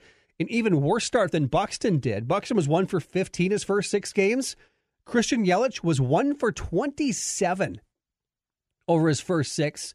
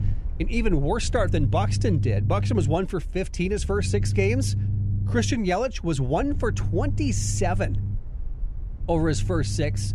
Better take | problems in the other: first | low rumble; noticeable; throughout; 15 dB below the speech

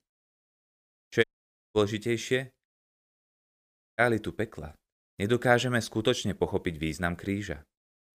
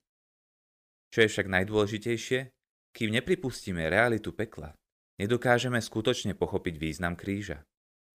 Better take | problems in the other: second | audio cutting out; at 1 s for 0.5 s and at 2.5 s for 1.5 s

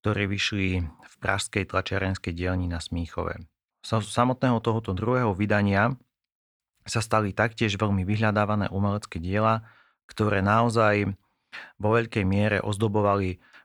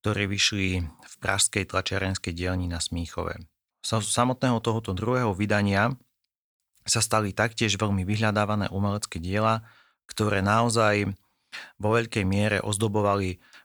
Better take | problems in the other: second | muffled; slightly; fading above 4 kHz

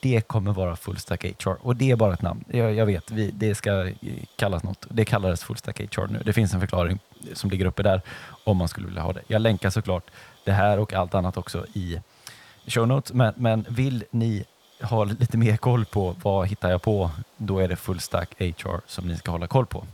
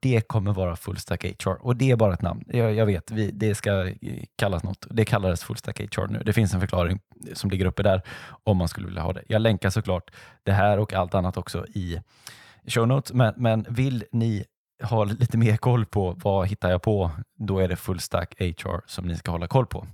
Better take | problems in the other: second | hiss; faint; throughout; 30 dB below the speech

